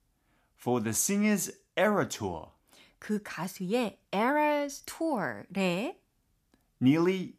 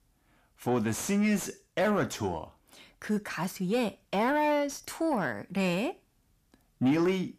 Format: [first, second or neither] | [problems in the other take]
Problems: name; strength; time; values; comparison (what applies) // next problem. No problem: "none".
first | distortion; slight; 10 dB below the speech